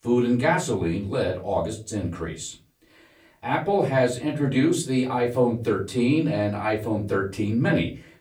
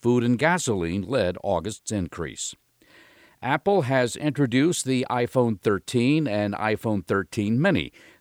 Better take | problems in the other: second | off-mic speech; far // room echo; very slight; dies away in 0.3 s

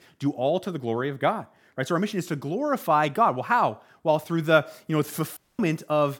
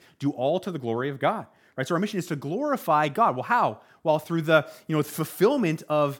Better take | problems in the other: second | audio cutting out; at 5.5 s

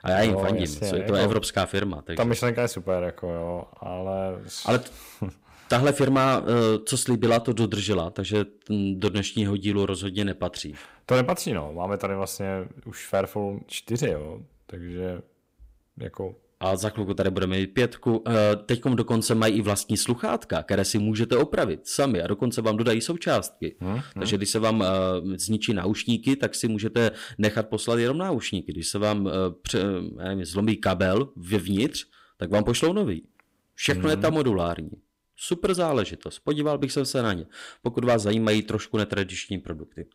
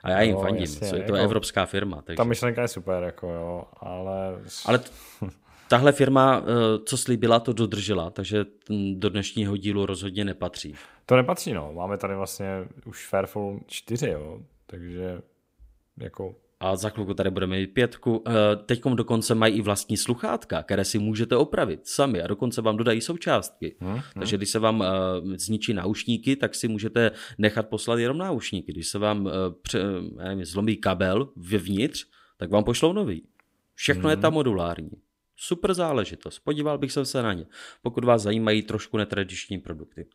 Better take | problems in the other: second | distortion; slight; 3% of the sound clipped

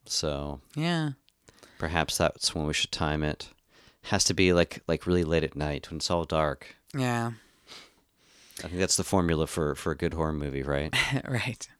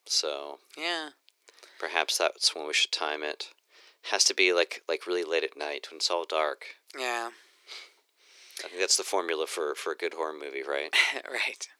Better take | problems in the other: first | thin; very; fading below 350 Hz

